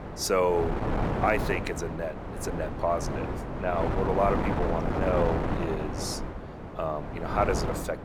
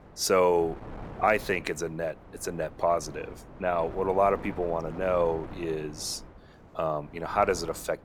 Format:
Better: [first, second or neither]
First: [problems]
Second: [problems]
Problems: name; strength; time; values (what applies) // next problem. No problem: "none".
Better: second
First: wind noise on the microphone; heavy; 5 dB below the speech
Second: wind noise on the microphone; occasional gusts; 20 dB below the speech